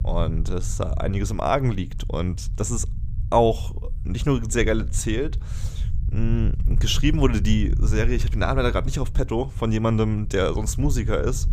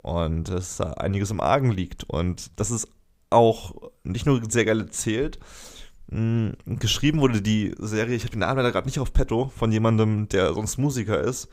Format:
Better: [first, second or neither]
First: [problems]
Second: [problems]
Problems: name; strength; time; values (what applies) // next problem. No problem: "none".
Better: second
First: low rumble; noticeable; throughout; 20 dB below the speech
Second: none